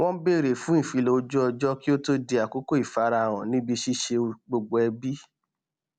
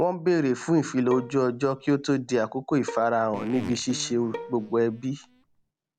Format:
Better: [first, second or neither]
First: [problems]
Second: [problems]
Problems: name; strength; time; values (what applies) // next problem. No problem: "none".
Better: first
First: none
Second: background sound (Fart + Bowed string instrument); 15 dB below the speech